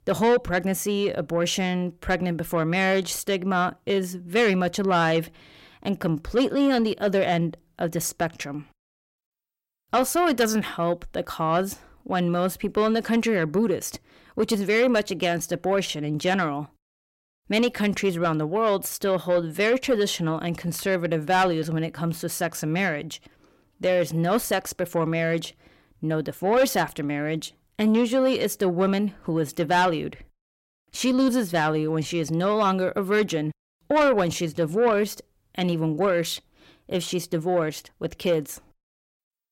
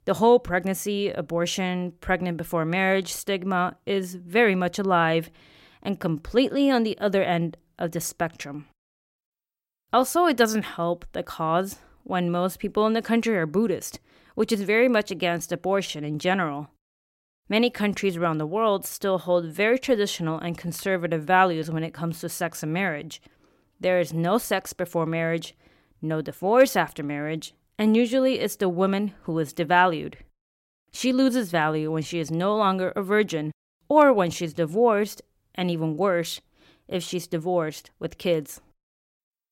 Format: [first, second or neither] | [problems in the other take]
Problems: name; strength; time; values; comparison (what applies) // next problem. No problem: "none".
second | distortion; slight; 10 dB below the speech